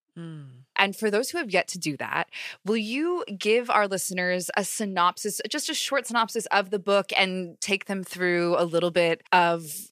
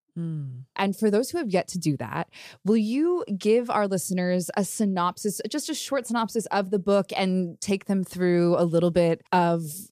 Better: second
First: thin; somewhat; fading below 1 kHz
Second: none

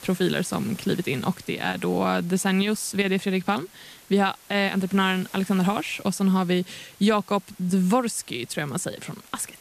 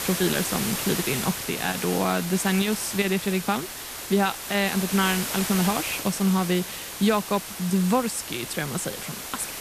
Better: first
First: hiss; faint; throughout; 20 dB below the speech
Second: hiss; loud; throughout; 5 dB below the speech

